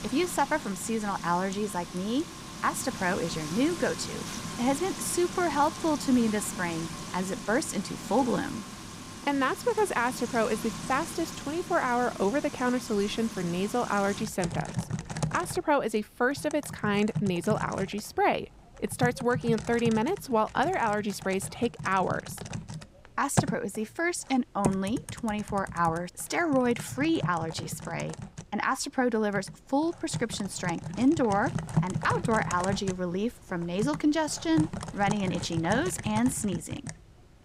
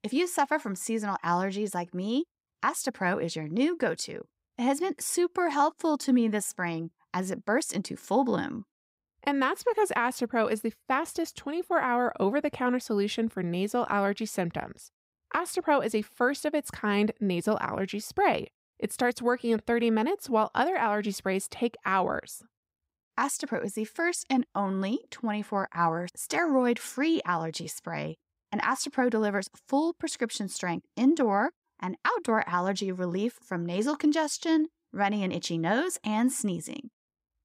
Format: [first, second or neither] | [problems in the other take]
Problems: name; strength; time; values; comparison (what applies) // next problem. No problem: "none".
second | household noises; loud; throughout; 8 dB below the speech